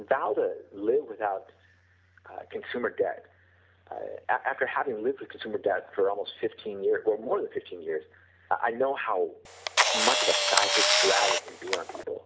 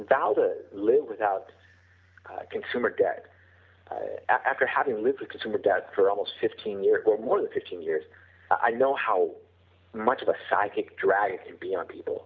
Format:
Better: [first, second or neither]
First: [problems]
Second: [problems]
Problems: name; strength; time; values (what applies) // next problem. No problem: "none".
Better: second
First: background sound (Camera); 5 dB above the speech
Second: none